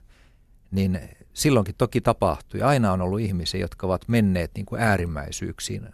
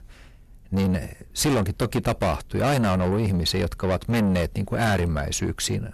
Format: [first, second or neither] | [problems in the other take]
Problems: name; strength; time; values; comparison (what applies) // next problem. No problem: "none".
first | distortion; heavy; 6 dB below the speech